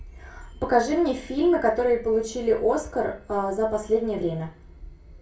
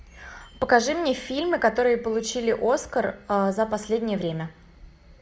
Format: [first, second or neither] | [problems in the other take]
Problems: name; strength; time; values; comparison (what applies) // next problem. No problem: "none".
second | room echo; dies away in 0.2 s